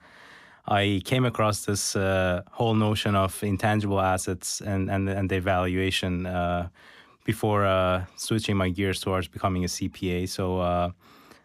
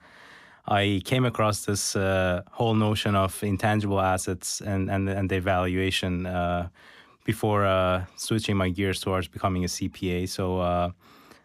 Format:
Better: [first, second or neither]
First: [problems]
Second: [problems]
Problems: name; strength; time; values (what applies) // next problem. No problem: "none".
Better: neither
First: none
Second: none